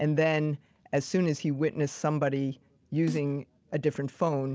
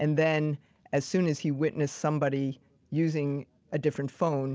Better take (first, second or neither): second